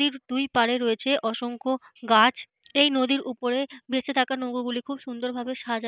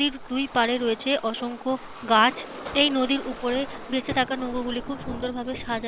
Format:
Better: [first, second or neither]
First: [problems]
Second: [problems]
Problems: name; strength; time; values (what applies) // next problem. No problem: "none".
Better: first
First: none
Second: background sound (Waves, surf); 12 dB below the speech